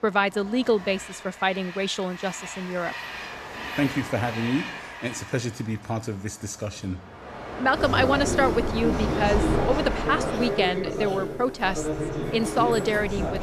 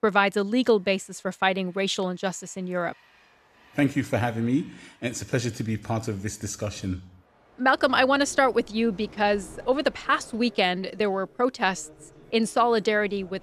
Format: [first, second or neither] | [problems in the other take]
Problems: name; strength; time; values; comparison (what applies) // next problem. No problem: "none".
second | train or aircraft noise; loud; throughout; 3 dB below the speech; faint in the second